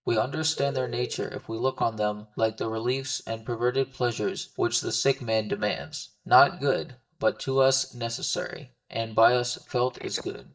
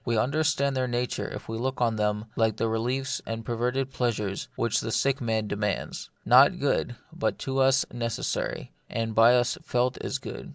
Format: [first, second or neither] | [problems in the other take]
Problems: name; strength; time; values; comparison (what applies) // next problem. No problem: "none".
second | noise reduction (neural mask model DeepFilterNet 3)